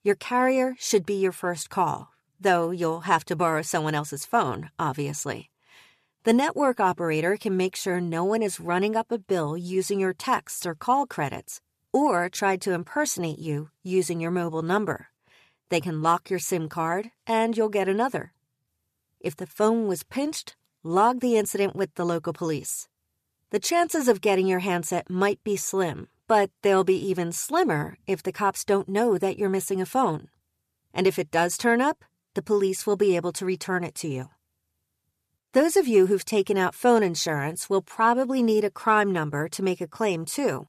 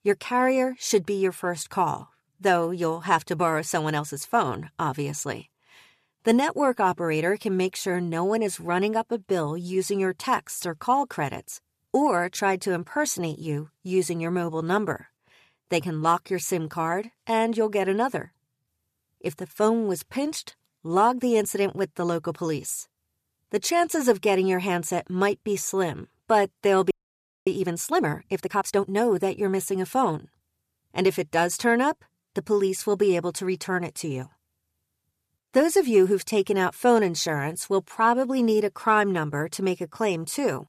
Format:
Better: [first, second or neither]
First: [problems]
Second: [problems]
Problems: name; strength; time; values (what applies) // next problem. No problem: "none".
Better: first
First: none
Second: audio freezing; at 27 s for 0.5 s